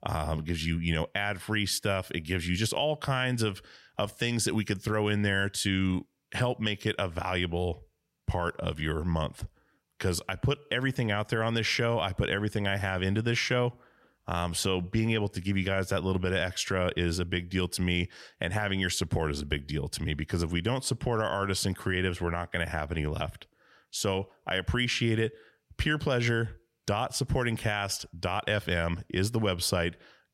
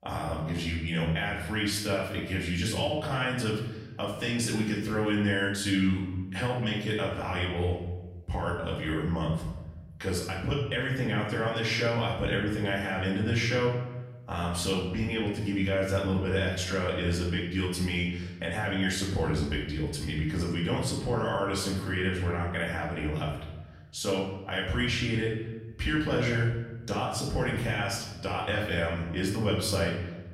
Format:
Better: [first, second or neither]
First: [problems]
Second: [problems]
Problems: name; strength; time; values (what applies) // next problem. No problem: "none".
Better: first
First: none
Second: off-mic speech; far // room echo; noticeable; dies away in 0.9 s